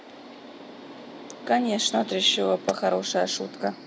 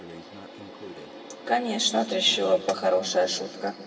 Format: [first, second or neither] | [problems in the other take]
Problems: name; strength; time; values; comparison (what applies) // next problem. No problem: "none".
first | background sound (Breathing); 20 dB below the speech // room echo; dies away in 1.3 s